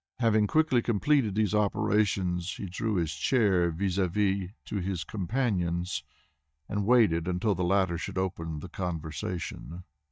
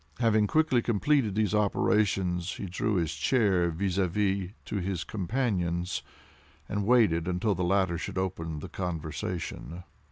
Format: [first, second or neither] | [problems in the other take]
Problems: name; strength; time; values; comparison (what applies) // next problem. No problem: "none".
second | noise reduction (neural mask model DeepFilterNet 3)